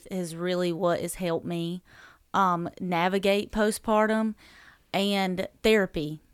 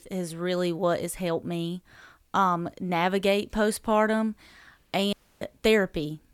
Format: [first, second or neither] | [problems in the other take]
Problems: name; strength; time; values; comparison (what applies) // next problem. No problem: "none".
first | audio cutting out; at 5 s